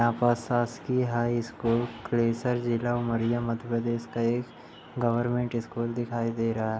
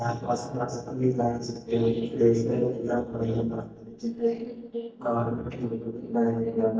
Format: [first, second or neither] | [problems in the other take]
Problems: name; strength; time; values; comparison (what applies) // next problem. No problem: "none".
first | noise reduction (neural mask model DeepFilterNet 3)